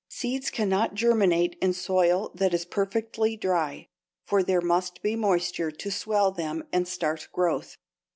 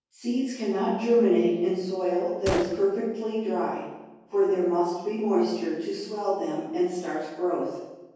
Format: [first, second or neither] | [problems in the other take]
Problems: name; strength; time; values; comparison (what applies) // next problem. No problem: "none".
first | background sound (Gunshot, gunfire); 11 dB below the speech // room echo; dies away in 1.3 s